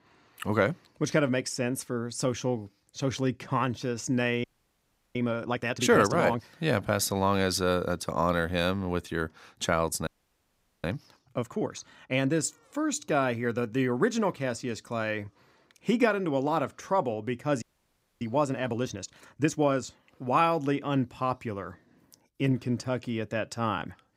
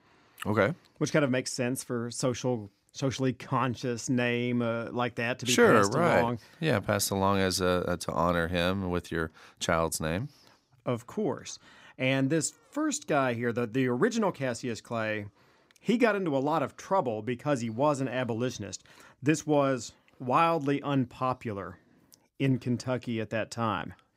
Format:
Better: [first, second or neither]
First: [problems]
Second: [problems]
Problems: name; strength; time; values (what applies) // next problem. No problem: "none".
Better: second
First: audio freezing; at 4.5 s for 0.5 s, at 10 s for 1 s and at 18 s for 0.5 s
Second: none